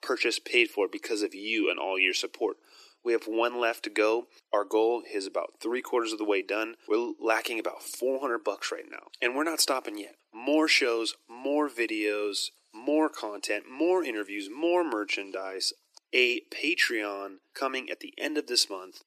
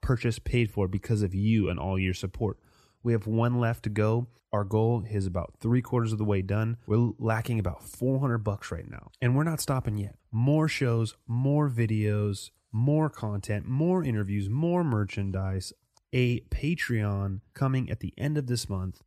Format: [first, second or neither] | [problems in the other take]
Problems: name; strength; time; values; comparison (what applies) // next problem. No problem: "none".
second | thin; very; fading below 300 Hz